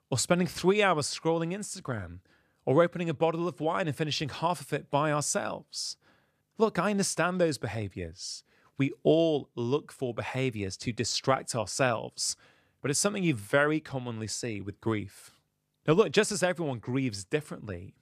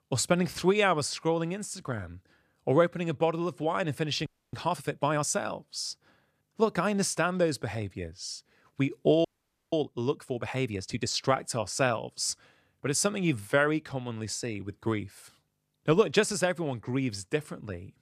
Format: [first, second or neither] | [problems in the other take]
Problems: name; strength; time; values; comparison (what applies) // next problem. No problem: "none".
first | audio freezing; at 4.5 s and at 9.5 s